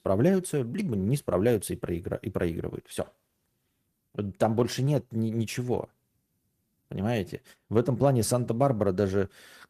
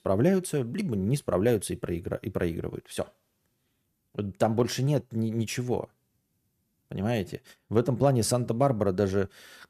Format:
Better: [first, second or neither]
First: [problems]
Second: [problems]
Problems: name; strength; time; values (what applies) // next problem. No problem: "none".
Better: second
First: garbled, watery; slightly; nothing above 14.5 kHz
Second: none